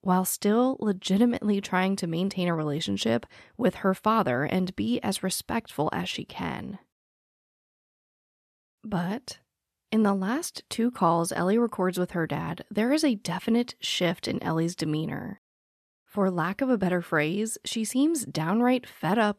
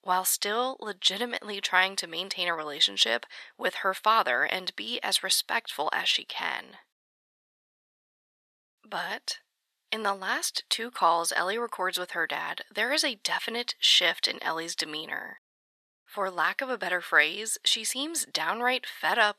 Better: first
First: none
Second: thin; very; fading below 750 Hz

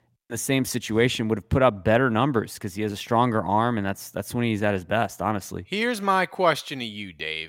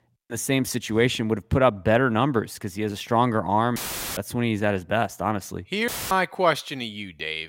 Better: first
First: none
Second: audio cutting out; filled with static; at 4 s and at 6 s

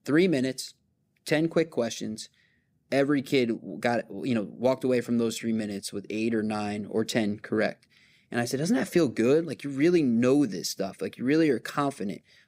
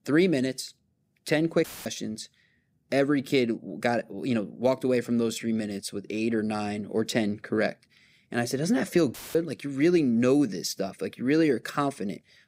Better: first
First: none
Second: audio cutting out; filled with static; at 1.5 s and at 9 s

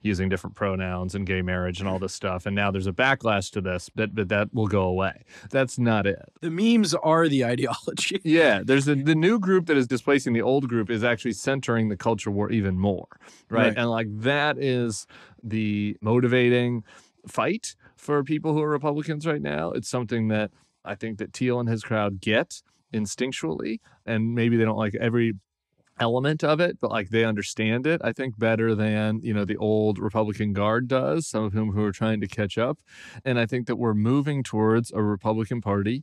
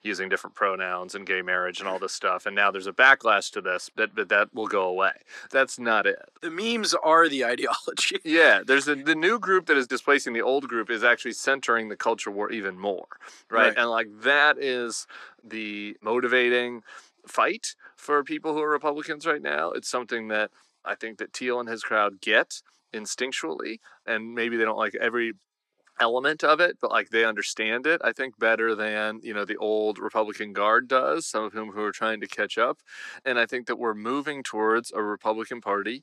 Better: first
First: none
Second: thin; very; fading below 350 Hz

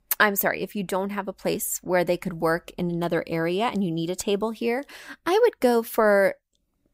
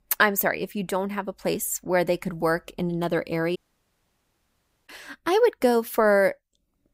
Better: first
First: none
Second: audio cutting out; at 3.5 s for 1.5 s

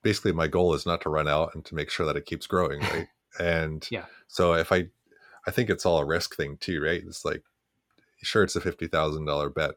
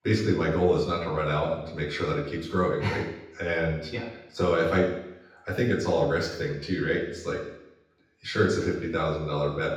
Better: first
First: none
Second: room echo; noticeable; dies away in 0.8 s // off-mic speech; far

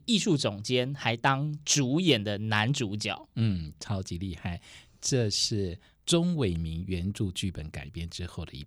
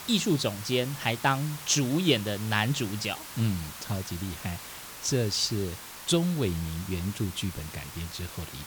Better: first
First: none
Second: hiss; noticeable; throughout; 10 dB below the speech

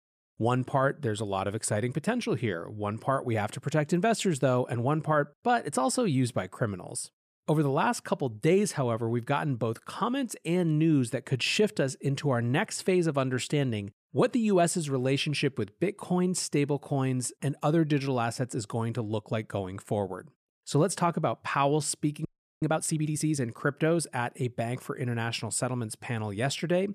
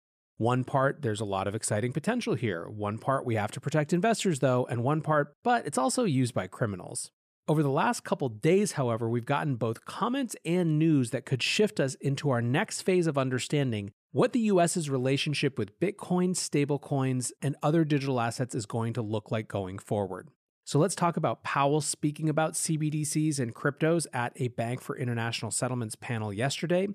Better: second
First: audio freezing; at 22 s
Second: none

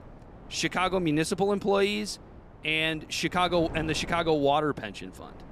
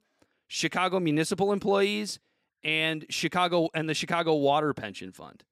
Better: second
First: wind noise on the microphone; occasional gusts; 20 dB below the speech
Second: none

